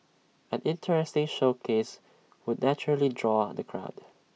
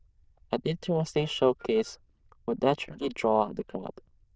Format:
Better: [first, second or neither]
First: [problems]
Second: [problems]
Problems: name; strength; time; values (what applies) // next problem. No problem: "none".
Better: first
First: none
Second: noise reduction (neural diffusion model UNIVERSE++)